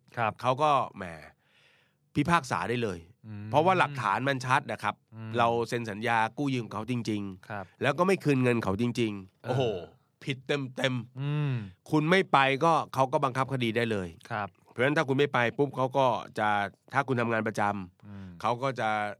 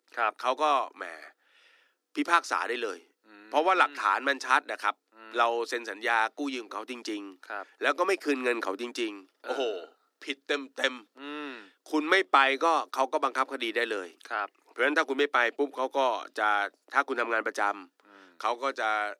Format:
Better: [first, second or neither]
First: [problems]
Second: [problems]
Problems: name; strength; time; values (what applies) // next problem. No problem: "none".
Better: first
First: none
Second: thin; somewhat; fading below 300 Hz